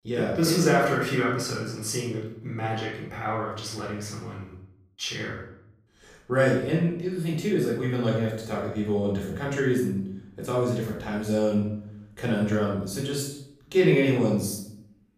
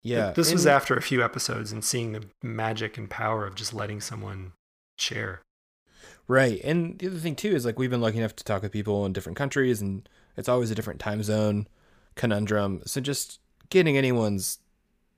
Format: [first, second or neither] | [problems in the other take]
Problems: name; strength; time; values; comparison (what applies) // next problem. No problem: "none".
second | room echo; noticeable; dies away in 0.6 s // off-mic speech; far